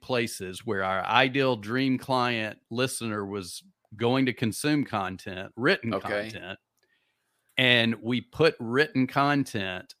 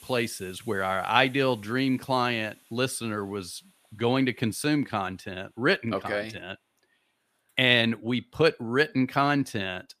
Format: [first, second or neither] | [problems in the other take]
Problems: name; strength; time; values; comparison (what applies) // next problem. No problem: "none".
first | hiss; faint; throughout; 30 dB below the speech